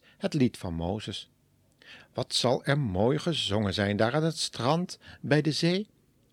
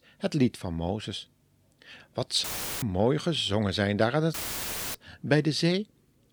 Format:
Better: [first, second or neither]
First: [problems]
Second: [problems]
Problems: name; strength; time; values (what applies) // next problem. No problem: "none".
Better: first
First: none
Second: audio cutting out; filled with static; at 2.5 s and at 4.5 s for 0.5 s